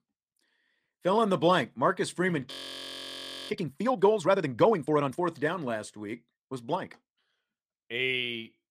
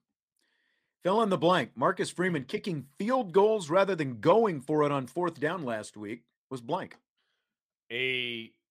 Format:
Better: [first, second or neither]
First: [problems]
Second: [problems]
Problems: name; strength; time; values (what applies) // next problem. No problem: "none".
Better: second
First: audio freezing; at 2.5 s for 1 s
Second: none